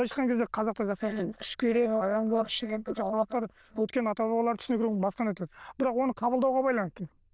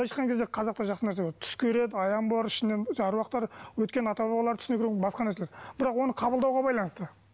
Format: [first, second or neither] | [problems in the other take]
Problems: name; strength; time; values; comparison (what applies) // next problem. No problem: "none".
second | noise reduction (neural diffusion model UNIVERSE++)